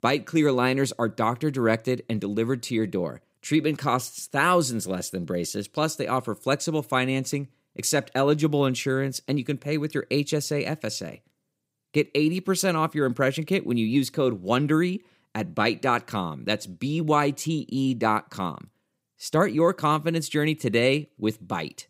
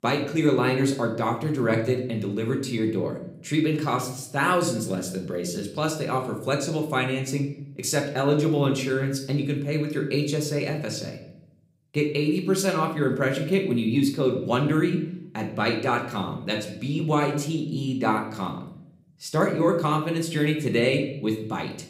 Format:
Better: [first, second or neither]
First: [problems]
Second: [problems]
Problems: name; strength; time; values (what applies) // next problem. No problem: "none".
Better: first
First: none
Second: room echo; slight; dies away in 0.7 s // off-mic speech; somewhat distant